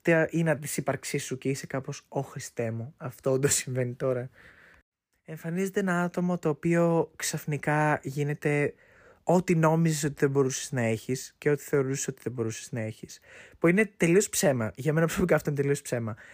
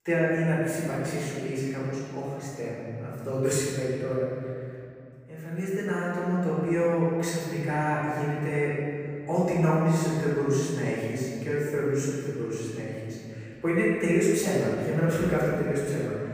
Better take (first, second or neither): first